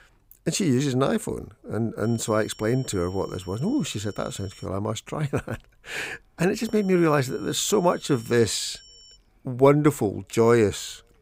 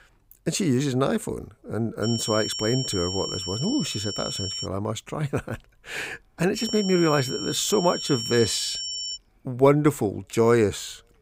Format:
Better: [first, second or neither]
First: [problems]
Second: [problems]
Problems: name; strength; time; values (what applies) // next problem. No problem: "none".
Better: first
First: high-pitched whine; faint; from 2 to 4.5 s and from 6.5 to 9 s; 5.5 kHz, 25 dB below the speech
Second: high-pitched whine; loud; from 2 to 4.5 s and from 6.5 to 9 s; 5.5 kHz, 5 dB below the speech